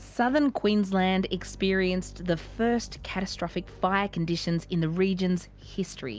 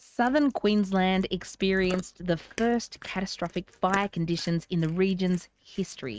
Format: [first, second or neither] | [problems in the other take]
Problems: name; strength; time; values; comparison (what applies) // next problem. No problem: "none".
first | noise reduction (neural mask model RNNoise)